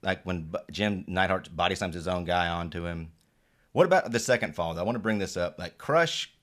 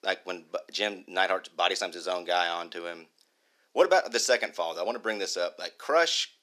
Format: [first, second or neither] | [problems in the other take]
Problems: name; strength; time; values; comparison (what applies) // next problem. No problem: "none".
first | thin; very; fading below 300 Hz